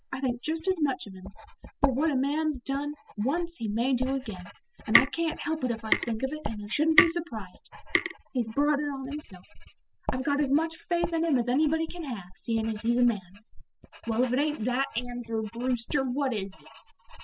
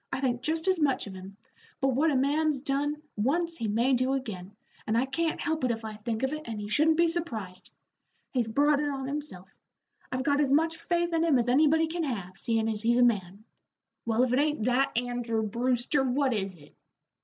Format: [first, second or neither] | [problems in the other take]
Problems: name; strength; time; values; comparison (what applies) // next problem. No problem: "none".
second | noise reduction (classical method spectral subtraction)